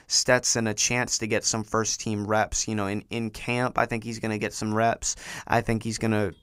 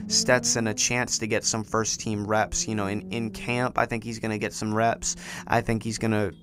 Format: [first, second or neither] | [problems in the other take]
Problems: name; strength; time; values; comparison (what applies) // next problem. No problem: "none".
first | low rumble; faint; throughout; 25 dB below the speech